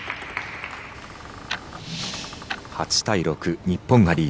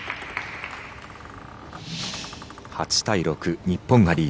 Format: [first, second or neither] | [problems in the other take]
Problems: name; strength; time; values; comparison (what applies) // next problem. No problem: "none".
second | background sound (Tick-tock); 14 dB below the speech